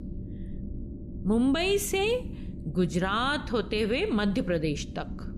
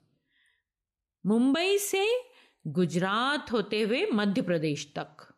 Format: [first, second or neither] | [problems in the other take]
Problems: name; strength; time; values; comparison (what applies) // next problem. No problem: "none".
second | low rumble; noticeable; throughout; 20 dB below the speech